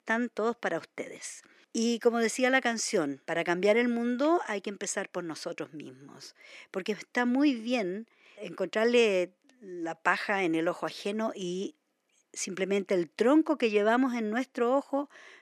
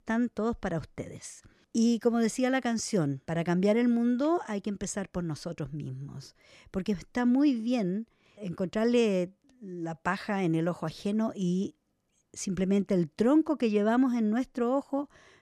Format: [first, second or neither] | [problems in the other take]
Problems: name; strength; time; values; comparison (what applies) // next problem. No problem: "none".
second | thin; very slightly; fading below 300 Hz